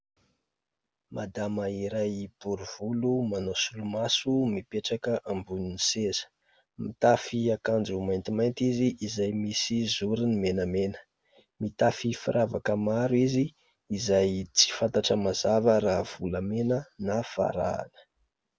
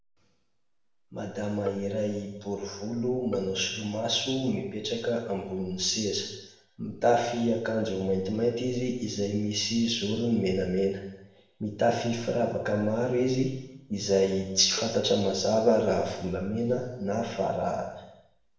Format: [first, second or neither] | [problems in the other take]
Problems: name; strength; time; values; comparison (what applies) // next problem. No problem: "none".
first | background sound (Bowed string instrument); 20 dB below the speech // room echo; dies away in 0.9 s